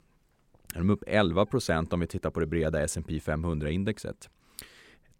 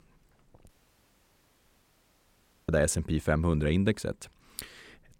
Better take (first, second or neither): first